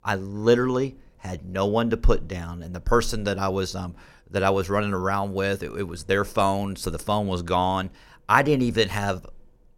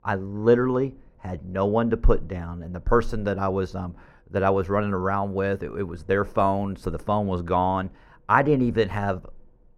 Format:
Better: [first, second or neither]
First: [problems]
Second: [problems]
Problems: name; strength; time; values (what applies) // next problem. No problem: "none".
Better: first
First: none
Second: muffled; very; fading above 2.5 kHz